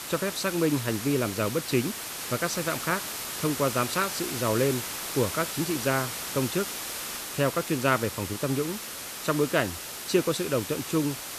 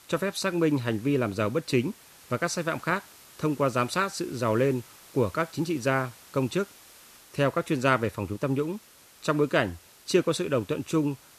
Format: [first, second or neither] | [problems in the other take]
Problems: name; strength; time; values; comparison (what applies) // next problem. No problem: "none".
second | hiss; loud; throughout; 5 dB below the speech; faint in the second